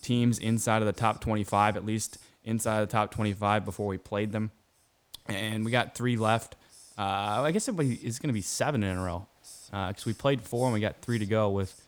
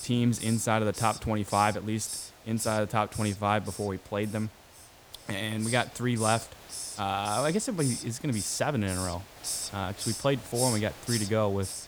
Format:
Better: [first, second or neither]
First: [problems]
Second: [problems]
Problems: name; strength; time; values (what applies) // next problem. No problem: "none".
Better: first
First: hiss; faint; throughout; 25 dB below the speech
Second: hiss; loud; throughout; 7 dB below the speech